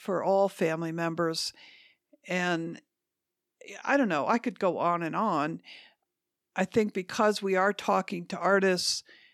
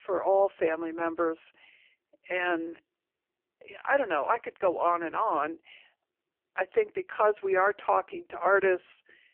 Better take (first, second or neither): first